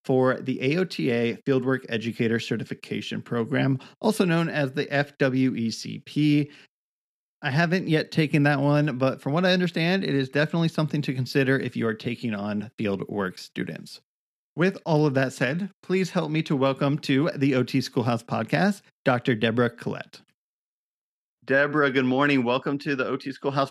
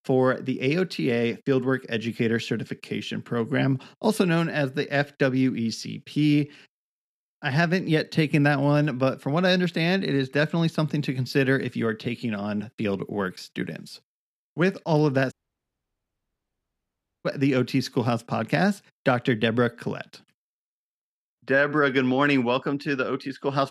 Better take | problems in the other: first | audio cutting out; at 15 s for 2 s

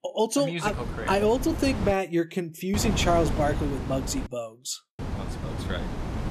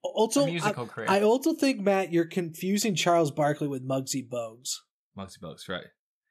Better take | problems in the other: second | wind noise on the microphone; heavy; from 0.5 to 2 s, from 2.5 to 4.5 s and from 5 s on; 10 dB below the speech

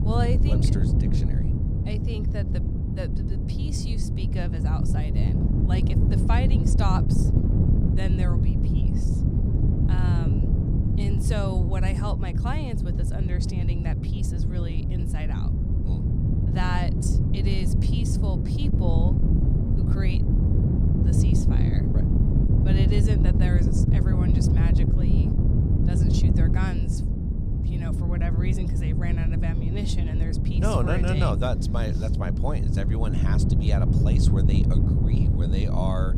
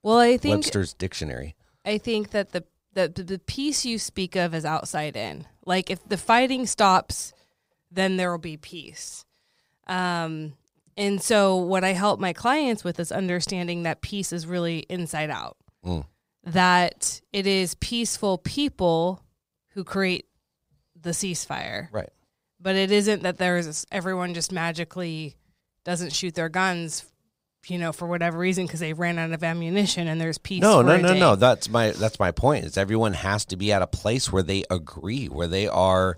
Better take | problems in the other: second | wind noise on the microphone; heavy; 1 dB above the speech

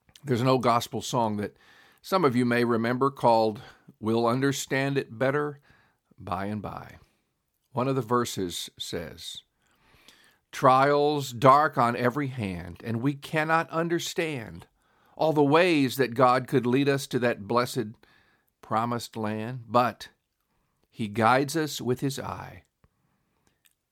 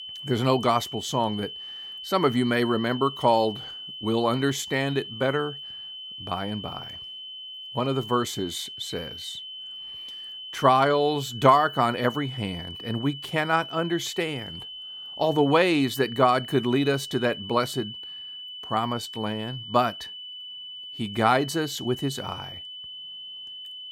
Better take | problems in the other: first | high-pitched whine; noticeable; throughout; 3 kHz, 10 dB below the speech

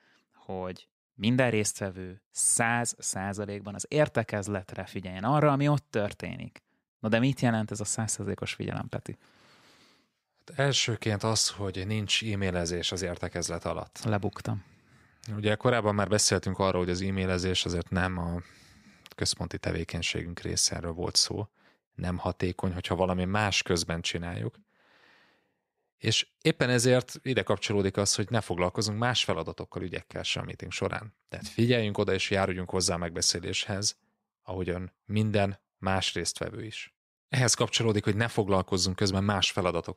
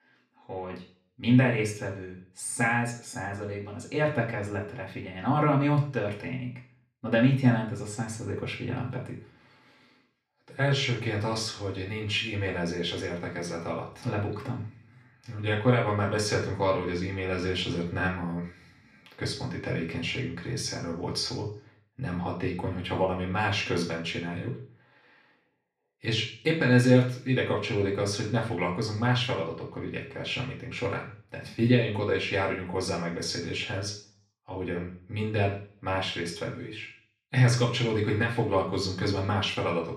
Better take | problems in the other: first | room echo; slight; dies away in 0.5 s // off-mic speech; far

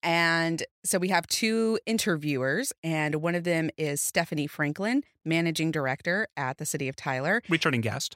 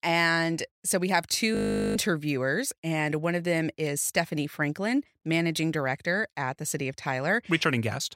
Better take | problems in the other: first | audio freezing; at 1.5 s

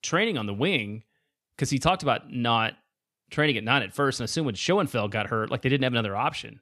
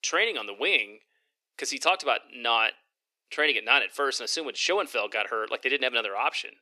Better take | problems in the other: first | thin; very; fading below 350 Hz

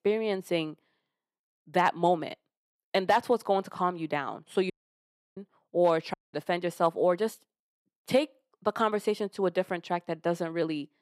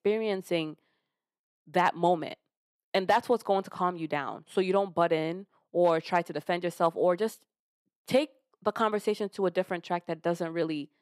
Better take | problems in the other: second | audio cutting out; at 4.5 s for 0.5 s and at 6 s

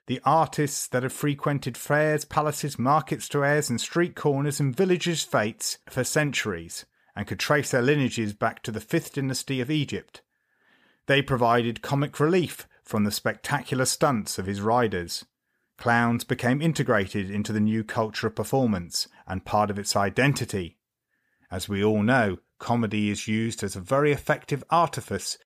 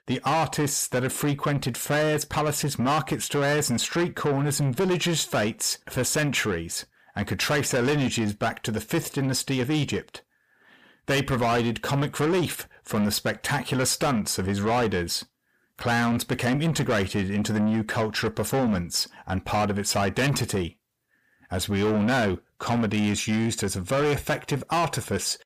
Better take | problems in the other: first | distortion; heavy; 7 dB below the speech

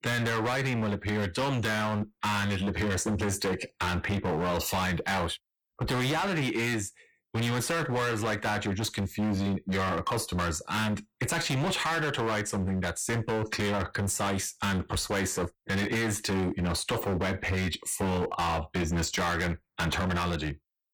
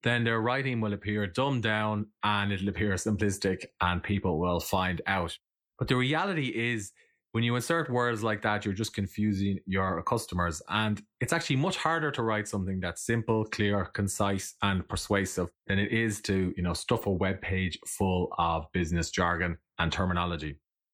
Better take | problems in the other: second | distortion; heavy; 26% of the sound clipped

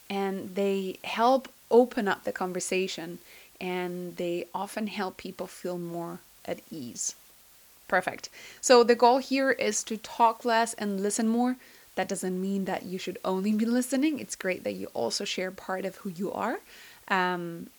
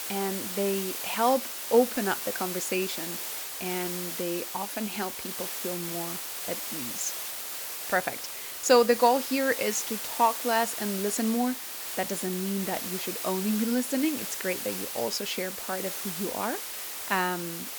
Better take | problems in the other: first | hiss; loud; throughout; 4 dB below the speech; faint in the first

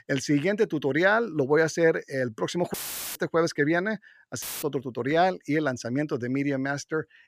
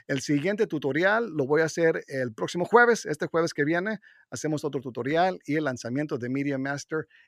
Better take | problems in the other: second | audio cutting out; filled with static; at 2.5 s and at 4.5 s

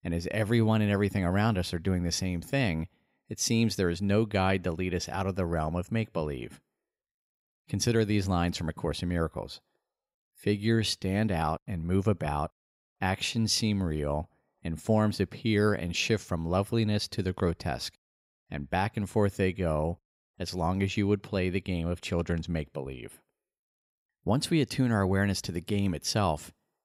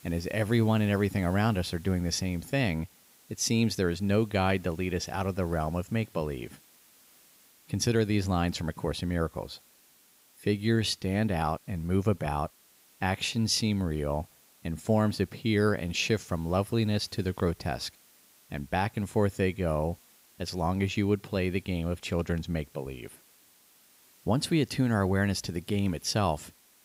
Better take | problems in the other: first | hiss; faint; throughout; 25 dB below the speech

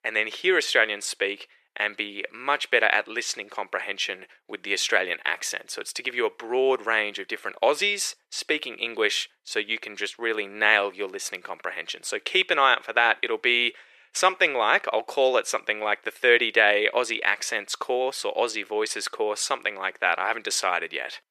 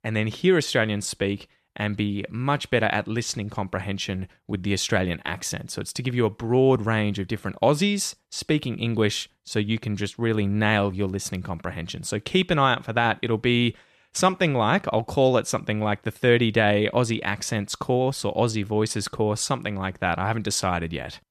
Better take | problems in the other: second | thin; very; fading below 400 Hz

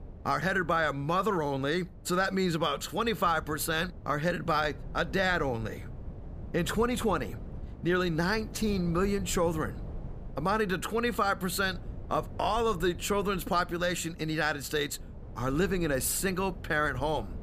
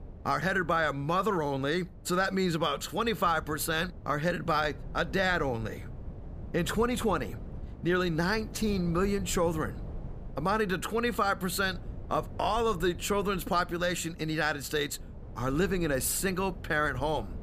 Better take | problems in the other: neither | wind noise on the microphone; occasional gusts; 25 dB below the speech; the same in both

